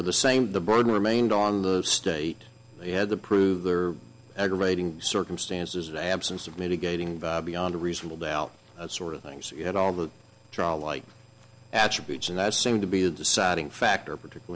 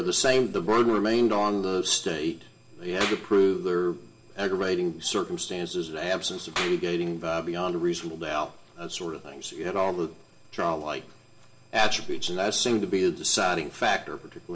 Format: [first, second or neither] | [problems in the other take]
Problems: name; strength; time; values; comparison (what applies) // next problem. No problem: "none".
first | background sound (Clapping); 14 dB below the speech // room echo; dies away in 0.4 s